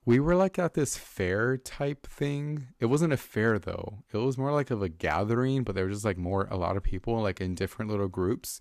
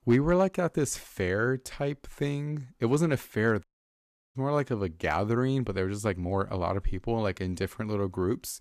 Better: first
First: none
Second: audio cutting out; at 3.5 s for 0.5 s

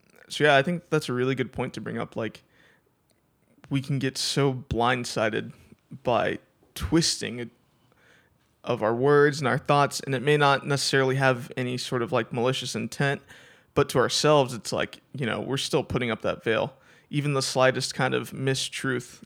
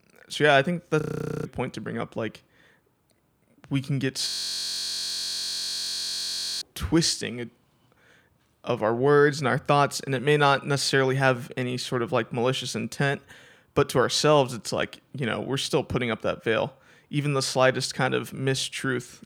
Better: first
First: none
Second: audio freezing; at 1 s and at 4.5 s for 2.5 s

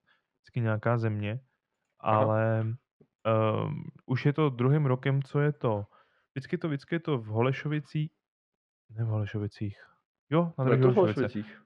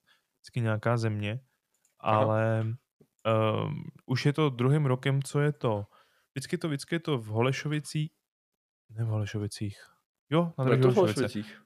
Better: second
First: muffled; slightly; fading above 2.5 kHz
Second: none

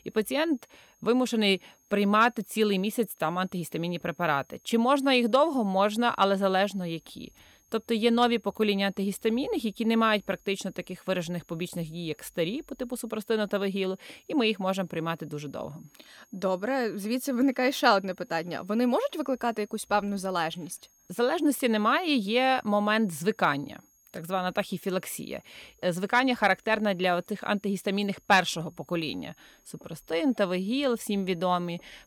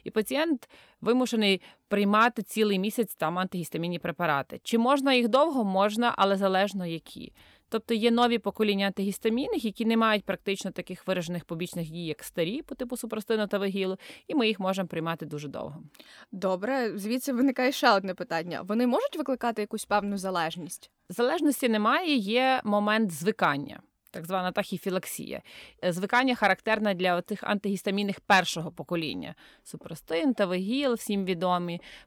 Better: second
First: high-pitched whine; faint; throughout; 6.5 kHz, 35 dB below the speech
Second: none

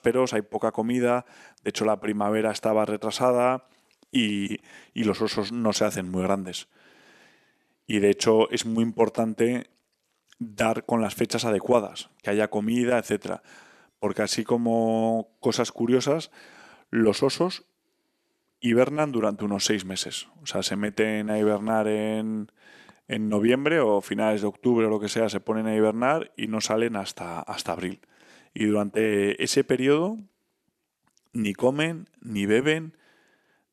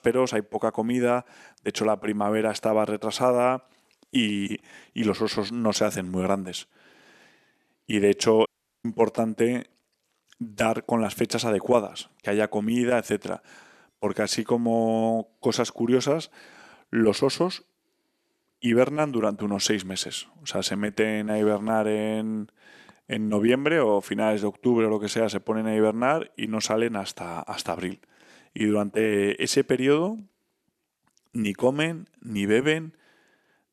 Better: first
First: none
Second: audio cutting out; at 8.5 s

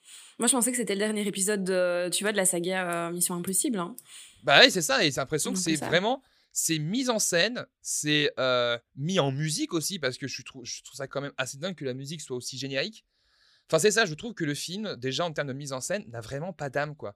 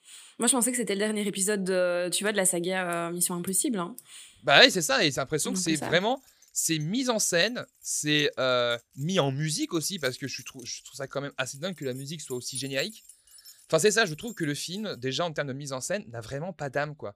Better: first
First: none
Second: jangling keys; faint; from 6.5 to 15 s; peak 10 dB below the speech

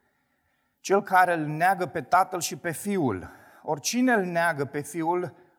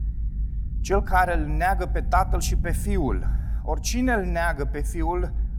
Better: first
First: none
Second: low rumble; faint; throughout; 20 dB below the speech

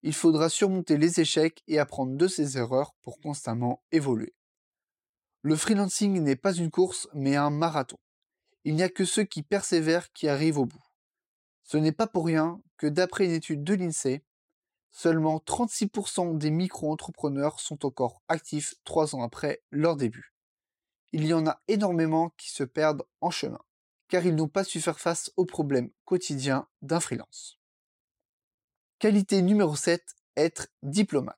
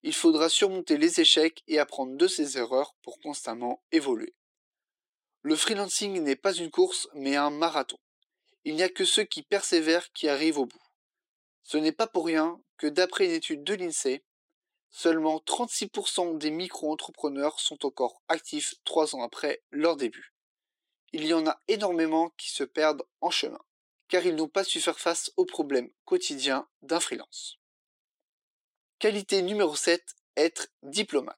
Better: first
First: none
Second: thin; somewhat; fading below 300 Hz

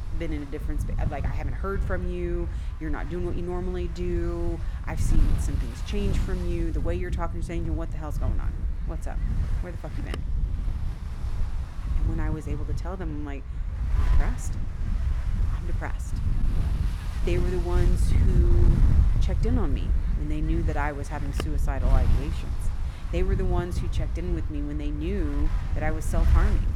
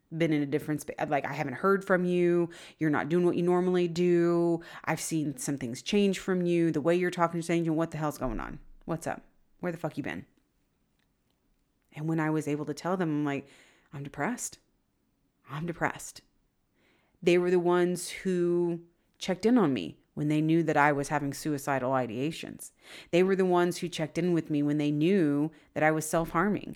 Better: second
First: wind noise on the microphone; heavy; 6 dB below the speech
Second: none

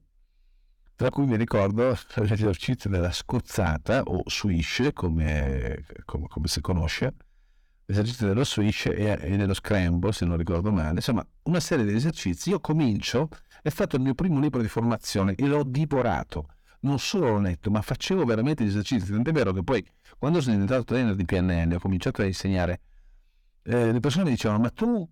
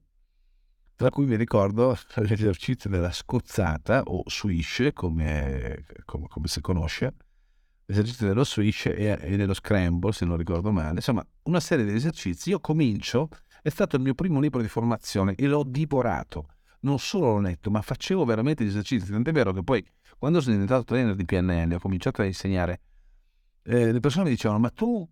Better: second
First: distortion; slight; 10 dB below the speech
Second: none

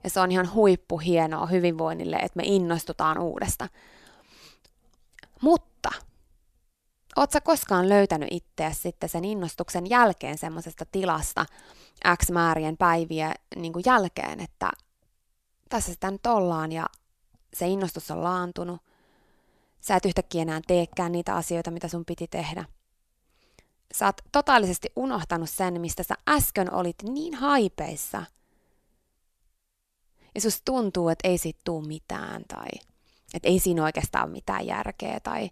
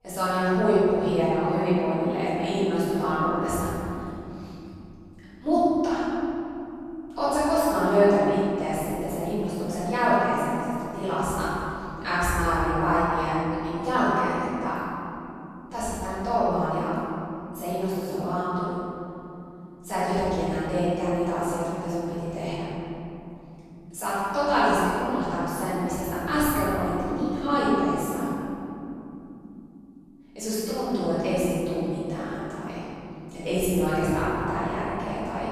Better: first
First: none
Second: off-mic speech; far // room echo; strong; dies away in 3 s

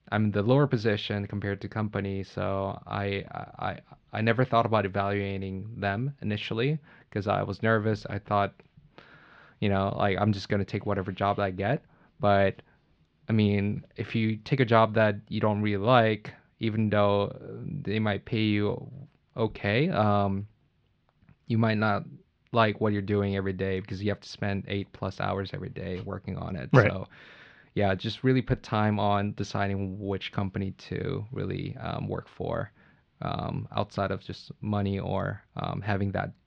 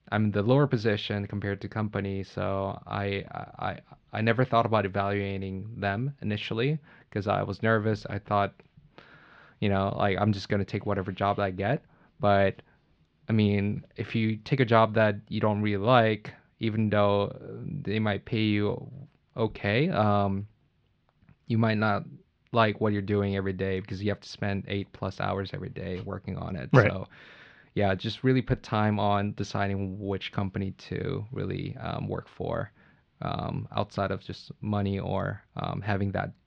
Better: neither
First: muffled; slightly; fading above 3.5 kHz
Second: muffled; slightly; fading above 3.5 kHz

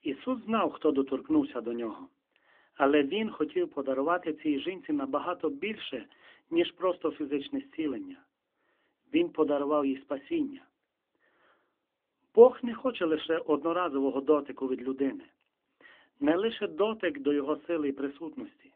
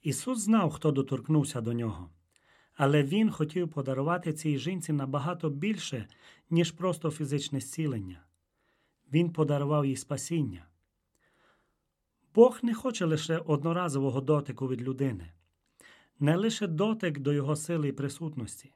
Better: second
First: phone-call audio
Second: none

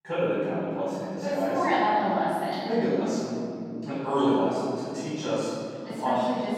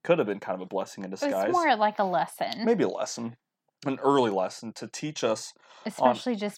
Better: second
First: off-mic speech; far // room echo; strong; dies away in 3 s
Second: none

